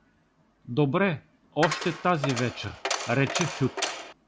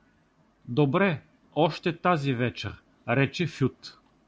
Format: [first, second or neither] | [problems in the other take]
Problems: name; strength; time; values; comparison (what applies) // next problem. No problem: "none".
second | background sound (Coin (dropping)); 4 dB below the speech